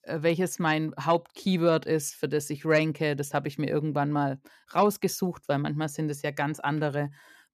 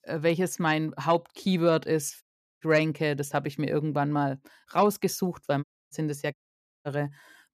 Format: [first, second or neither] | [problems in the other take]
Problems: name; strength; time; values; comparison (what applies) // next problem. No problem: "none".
first | audio cutting out; at 2 s, at 5.5 s and at 6.5 s for 0.5 s